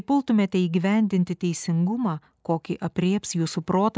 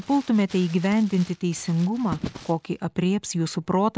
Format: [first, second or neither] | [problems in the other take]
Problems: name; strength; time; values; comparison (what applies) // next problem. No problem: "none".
first | background sound (Crumpling, crinkling); 17 dB below the speech